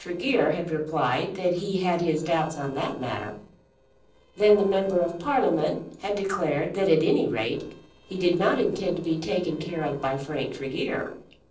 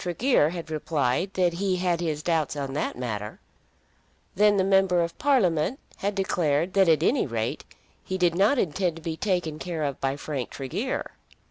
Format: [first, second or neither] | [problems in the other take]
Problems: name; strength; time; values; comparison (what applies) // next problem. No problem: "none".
second | noise reduction (neural separator model SepFormer DNS4)